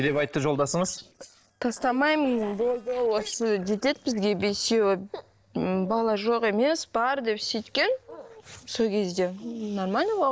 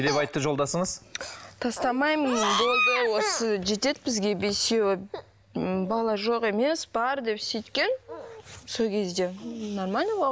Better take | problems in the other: second | noise reduction (neural separator model SepFormer DNS4)

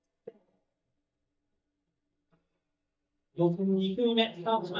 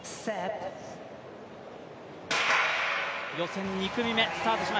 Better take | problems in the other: second | noise reduction (neural mask model DeepFilterNet 3)

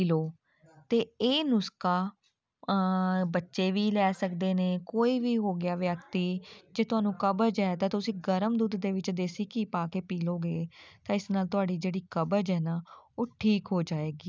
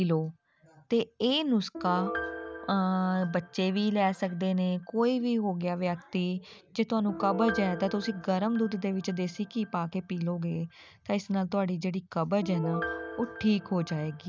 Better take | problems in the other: first | background sound (Piano); 13 dB below the speech

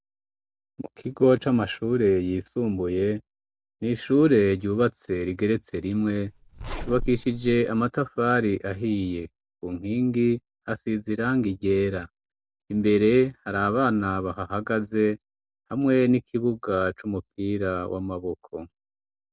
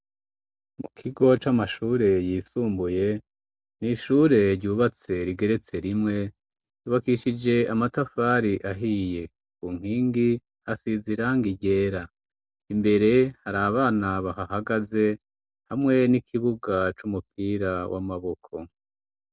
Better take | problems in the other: second | background sound (Zipper (clothing)); 9 dB below the speech

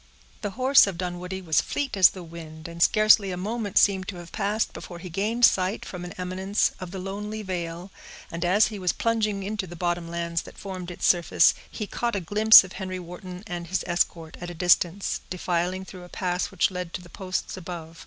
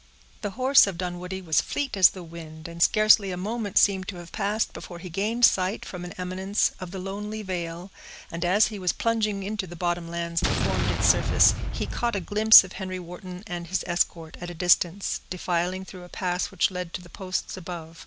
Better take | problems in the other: first | background sound (Explosion); 1 dB below the speech

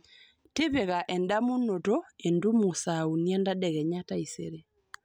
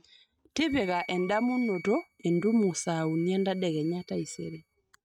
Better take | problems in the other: first | noise reduction (neural mask model RNNoise)

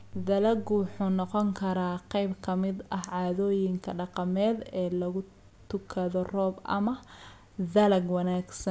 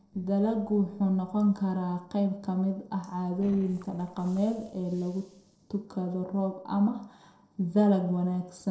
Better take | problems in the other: first | noise reduction (neural separator model SepFormer DNS4)

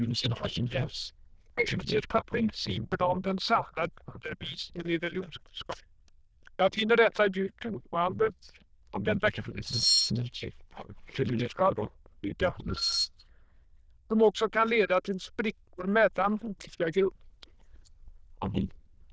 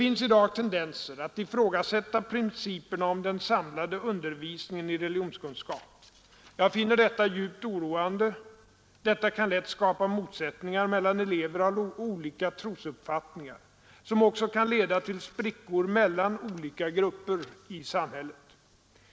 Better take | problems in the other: second | noise reduction (neural diffusion model UNIVERSE++)

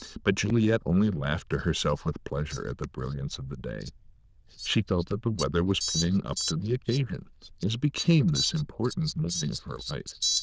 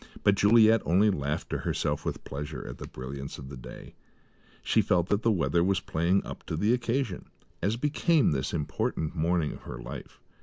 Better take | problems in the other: second | noise reduction (neural diffusion model UNIVERSE++)

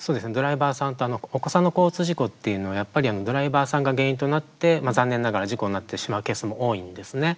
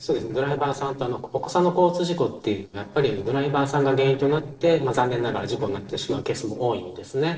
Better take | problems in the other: first | noise reduction (neural separator model SepFormer DNS4)

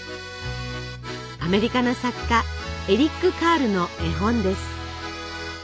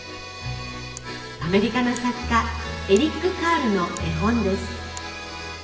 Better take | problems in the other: first | background sound (Camera); 19 dB below the speech // room echo; dies away in 1.1 s

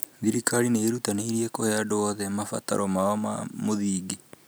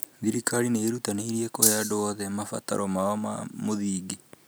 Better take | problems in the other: first | background sound (Rattle (instrument)); 3 dB above the speech

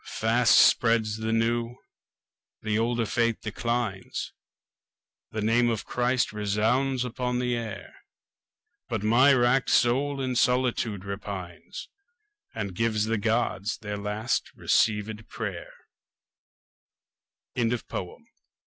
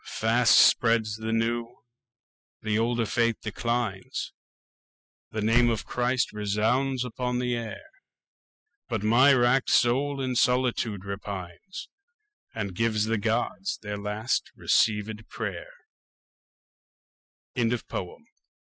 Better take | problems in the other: first | noise reduction (classical method spectral subtraction)

